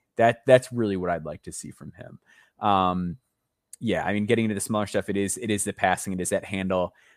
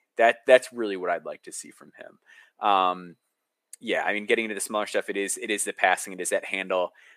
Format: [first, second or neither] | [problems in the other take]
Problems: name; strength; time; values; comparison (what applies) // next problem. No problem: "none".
first | thin; somewhat; fading below 300 Hz